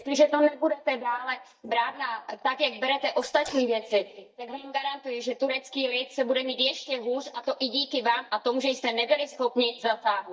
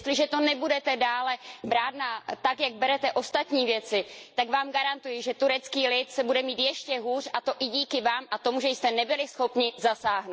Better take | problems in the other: second | noise reduction (neural mask model DeepFilterNet 3)

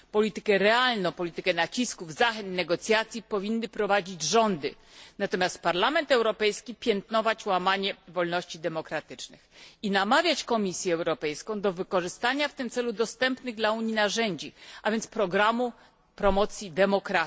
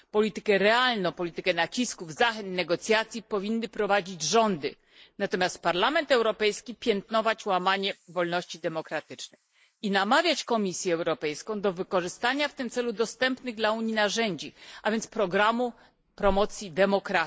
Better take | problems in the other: first | noise reduction (neural mask model Resemble Enhance denoiser)

